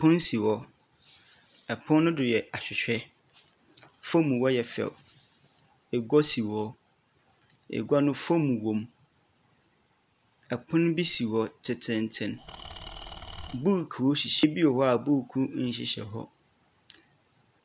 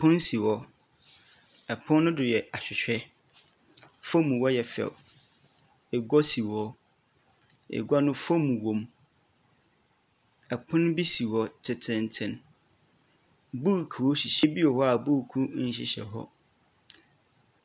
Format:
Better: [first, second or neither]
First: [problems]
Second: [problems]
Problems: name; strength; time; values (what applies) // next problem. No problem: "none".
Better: second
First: background sound (Engine / Tools); 14 dB below the speech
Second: none